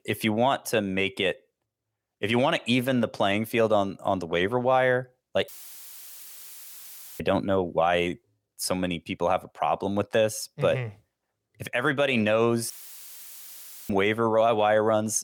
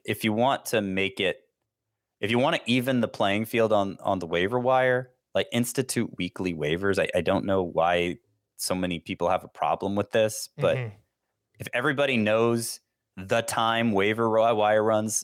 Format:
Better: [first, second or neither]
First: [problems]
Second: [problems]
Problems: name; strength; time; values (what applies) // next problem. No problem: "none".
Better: second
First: audio cutting out; filled with static; at 5.5 s for 1.5 s and at 13 s for 1 s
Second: none